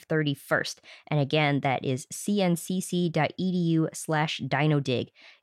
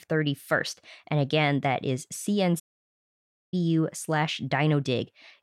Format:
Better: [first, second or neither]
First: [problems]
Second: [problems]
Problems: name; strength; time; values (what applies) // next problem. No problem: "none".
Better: first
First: none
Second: audio cutting out; at 2.5 s for 1 s